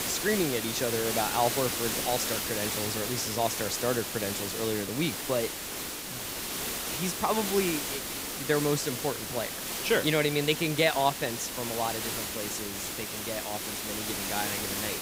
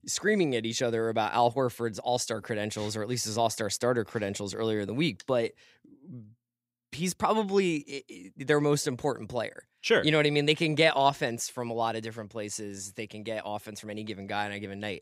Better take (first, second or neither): second